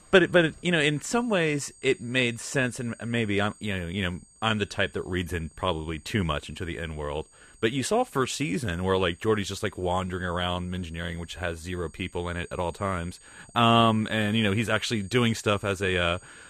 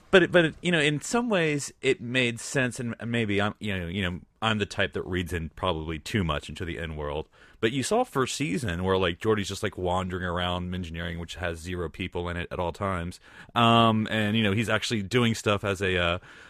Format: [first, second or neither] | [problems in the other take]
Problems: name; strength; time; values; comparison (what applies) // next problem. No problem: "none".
second | high-pitched whine; faint; throughout; 8.5 kHz, 25 dB below the speech